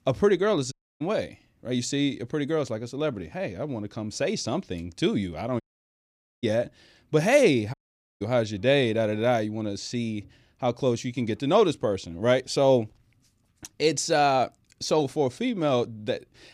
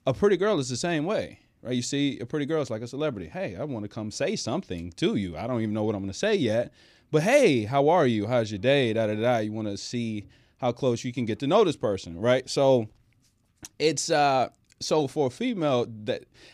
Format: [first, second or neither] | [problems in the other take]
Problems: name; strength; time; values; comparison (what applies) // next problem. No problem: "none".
second | audio cutting out; at 0.5 s, at 5.5 s for 1 s and at 7.5 s